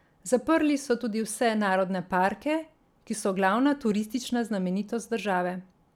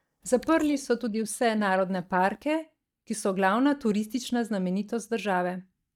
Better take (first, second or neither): first